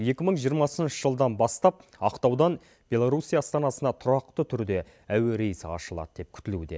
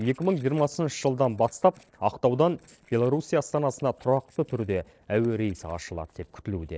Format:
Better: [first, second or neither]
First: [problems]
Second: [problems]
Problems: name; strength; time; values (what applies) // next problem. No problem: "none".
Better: first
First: none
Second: noise reduction (neural separator model SepFormer DNS4)